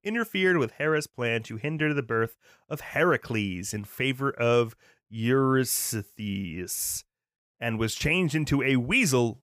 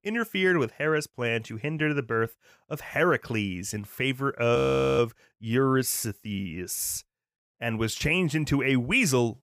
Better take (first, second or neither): first